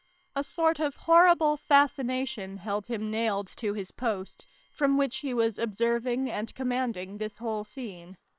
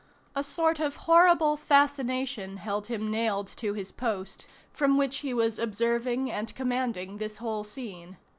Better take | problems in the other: second | noise reduction (neural separator model SepFormer WHAM!)

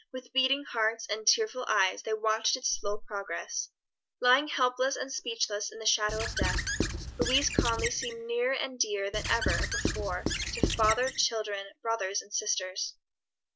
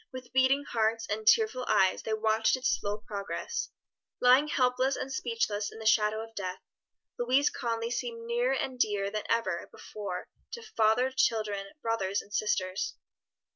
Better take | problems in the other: second | background sound (Squeak / Writing); 1 dB below the speech

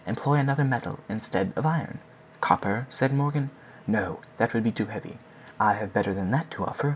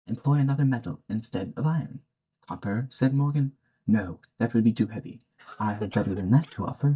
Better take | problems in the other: first | noise reduction (neural mask model DeepFilterNet 3)

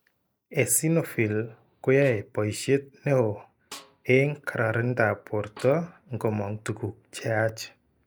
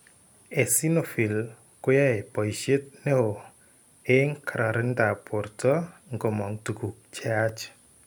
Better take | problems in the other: second | noise reduction (neural mask model DeepFilterNet 3)

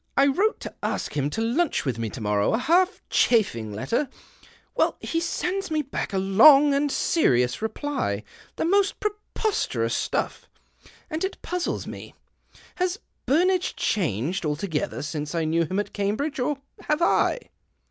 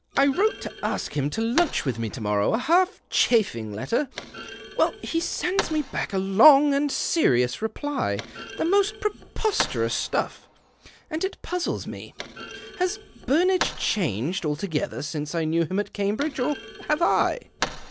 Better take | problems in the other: first | background sound (Thump, thud); 14 dB below the speech

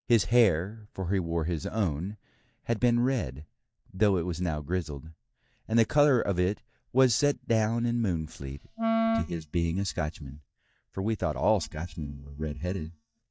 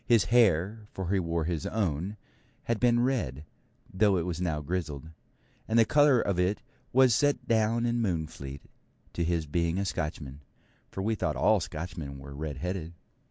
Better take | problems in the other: second | noise reduction (neural mask model DeepFilterNet 3)

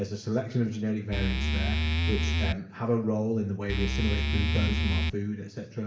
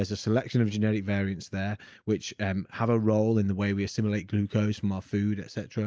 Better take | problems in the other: second | background sound (Musical instrument); 4 dB above the speech // room echo; dies away in 0.6 s

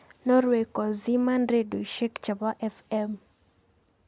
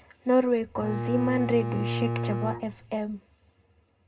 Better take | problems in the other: first | background sound (Bowed string instrument); 3 dB below the speech // room echo; dies away in 0.2 s

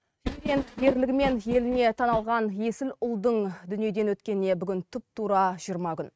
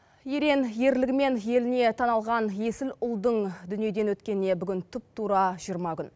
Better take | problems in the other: second | noise reduction (neural mask model RNNoise)

